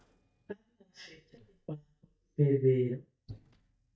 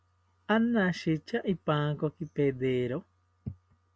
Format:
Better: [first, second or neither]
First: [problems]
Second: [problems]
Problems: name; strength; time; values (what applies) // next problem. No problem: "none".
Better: second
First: noise reduction (neural mask model DeepFilterNet 3)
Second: none